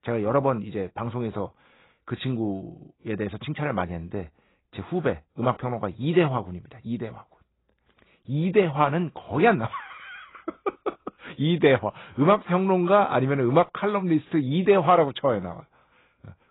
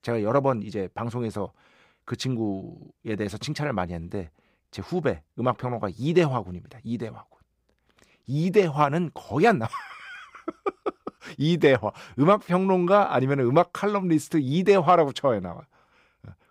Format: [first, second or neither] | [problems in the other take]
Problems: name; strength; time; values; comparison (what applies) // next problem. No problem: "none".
second | garbled, watery; badly; nothing above 4 kHz